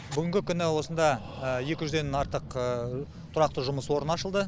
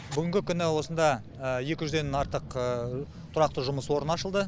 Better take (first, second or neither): second